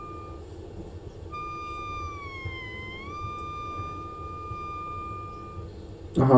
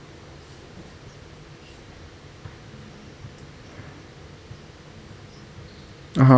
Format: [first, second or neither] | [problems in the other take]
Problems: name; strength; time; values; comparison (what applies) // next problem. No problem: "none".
second | background sound (Wind instrument, woodwind instrument); 9 dB below the speech // room echo; dies away in 0.2 s